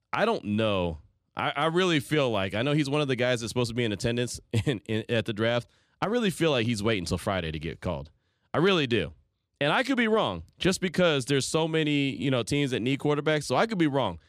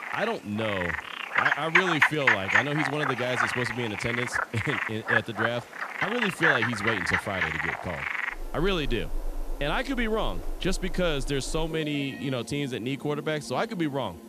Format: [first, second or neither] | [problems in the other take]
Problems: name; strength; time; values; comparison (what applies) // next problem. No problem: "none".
first | animal sounds; very loud; throughout; 3 dB above the speech